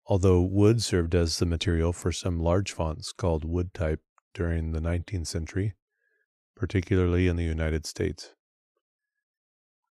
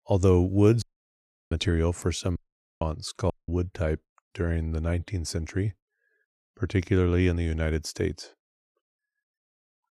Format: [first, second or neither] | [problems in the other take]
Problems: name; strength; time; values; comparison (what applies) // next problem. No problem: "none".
first | audio cutting out; at 1 s for 0.5 s, at 2.5 s and at 3.5 s